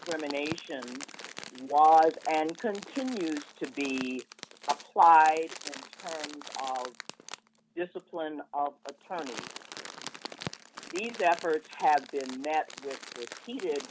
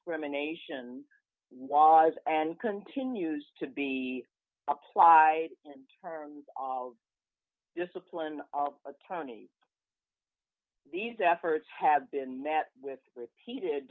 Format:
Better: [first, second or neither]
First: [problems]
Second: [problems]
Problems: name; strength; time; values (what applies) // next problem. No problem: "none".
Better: second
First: background sound (Crumpling, crinkling); 15 dB below the speech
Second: none